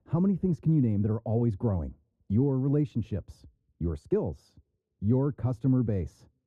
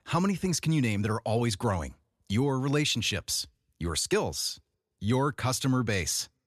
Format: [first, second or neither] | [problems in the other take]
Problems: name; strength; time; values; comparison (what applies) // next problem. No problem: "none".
second | muffled; very; fading above 1 kHz